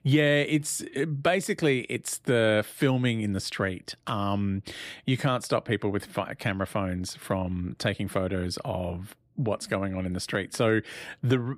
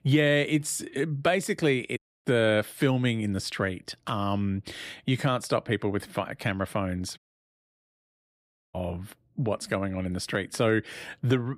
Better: first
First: none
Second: audio cutting out; at 2 s and at 7 s for 1.5 s

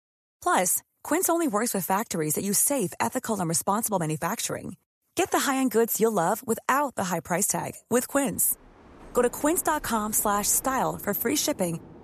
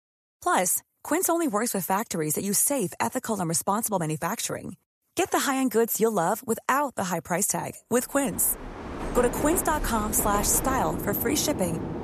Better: first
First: train or aircraft noise; faint; from 8.5 s on; 20 dB below the speech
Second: train or aircraft noise; loud; from 8.5 s on; 7 dB below the speech

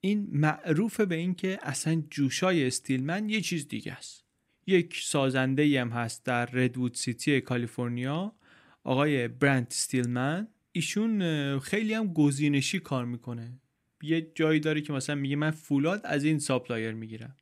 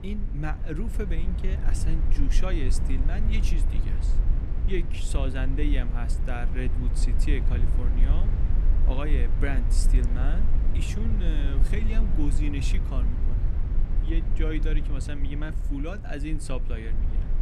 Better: first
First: none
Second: low rumble; loud; throughout; 7 dB below the speech

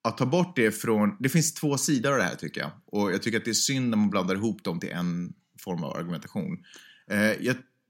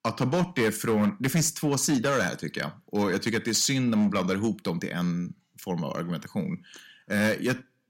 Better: first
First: none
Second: distortion; slight; 6% of the sound clipped

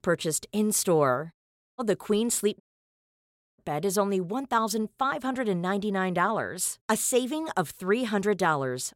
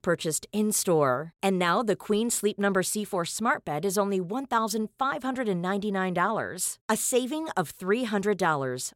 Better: second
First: audio cutting out; at 1.5 s and at 2.5 s for 1 s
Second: none

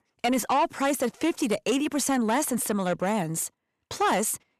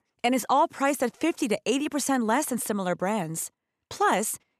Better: second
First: distortion; slight; 10 dB below the speech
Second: none

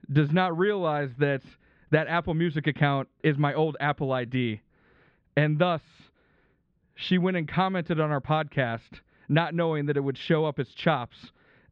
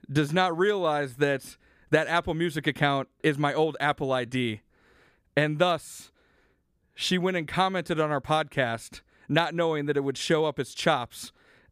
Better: second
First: muffled; slightly; fading above 3.5 kHz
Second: none

